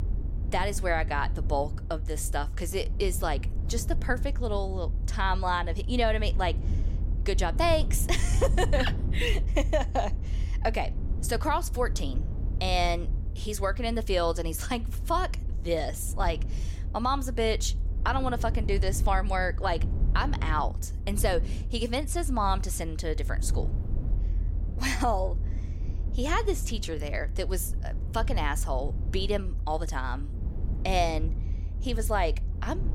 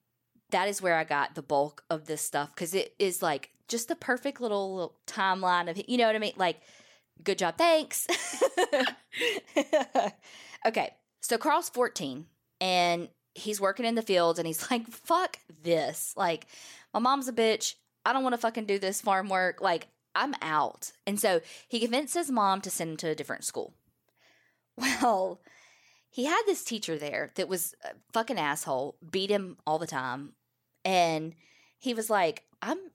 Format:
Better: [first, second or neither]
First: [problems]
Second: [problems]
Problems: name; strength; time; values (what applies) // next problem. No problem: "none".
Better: second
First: low rumble; noticeable; throughout; 20 dB below the speech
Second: none